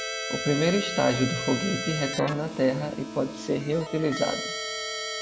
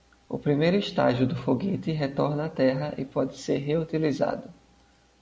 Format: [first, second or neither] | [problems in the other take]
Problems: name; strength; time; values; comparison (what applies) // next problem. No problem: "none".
second | background sound (Keyboard (musical)); 6 dB below the speech